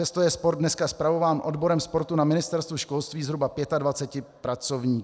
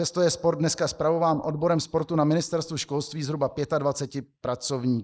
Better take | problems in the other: first | noise reduction (neural mask model Resemble Enhance denoiser)

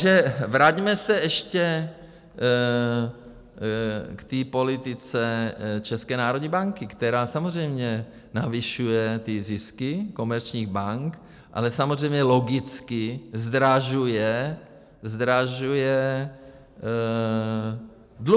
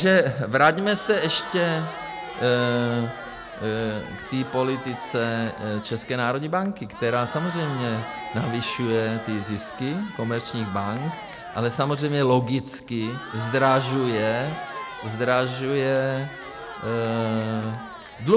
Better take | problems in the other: first | background sound (Crowd); 12 dB below the speech

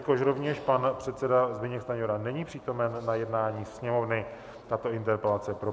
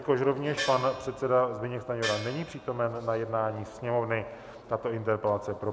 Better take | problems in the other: first | background sound (Gong); 8 dB below the speech

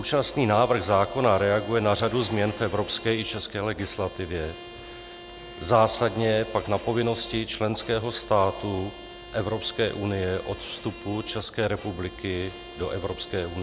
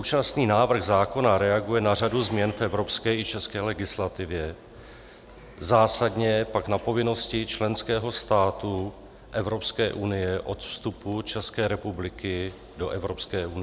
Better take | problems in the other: second | background sound (Bowed string instrument); 17 dB below the speech

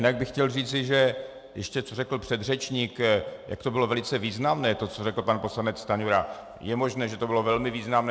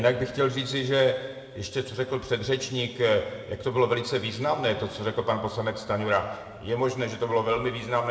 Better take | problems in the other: first | room echo; dies away in 1.6 s

